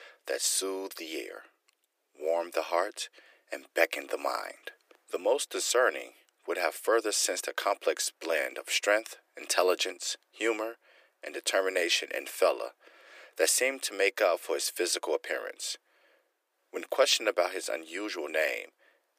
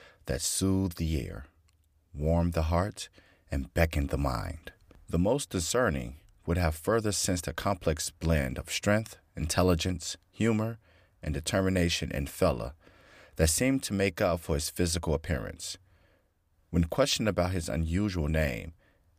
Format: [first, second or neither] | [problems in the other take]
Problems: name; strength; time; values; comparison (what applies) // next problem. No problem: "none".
second | thin; very; fading below 350 Hz